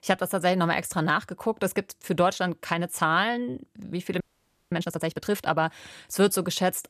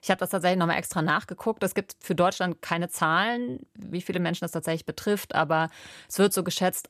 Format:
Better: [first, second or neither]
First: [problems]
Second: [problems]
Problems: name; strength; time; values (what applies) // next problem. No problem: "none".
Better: second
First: audio freezing; at 4 s for 0.5 s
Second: none